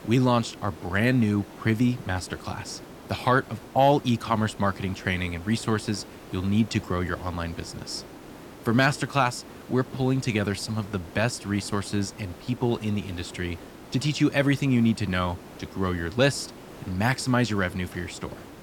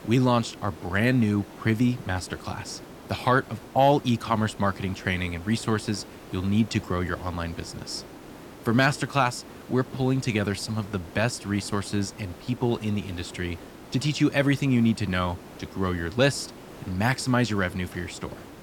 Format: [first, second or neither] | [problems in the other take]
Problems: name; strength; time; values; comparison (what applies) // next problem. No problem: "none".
neither | hiss; noticeable; throughout; 15 dB below the speech; the same in both